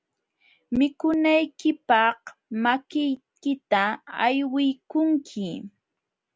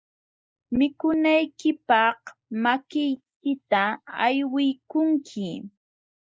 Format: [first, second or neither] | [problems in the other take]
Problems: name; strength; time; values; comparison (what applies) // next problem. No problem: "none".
first | noise reduction (neural mask model Resemble Enhance denoiser)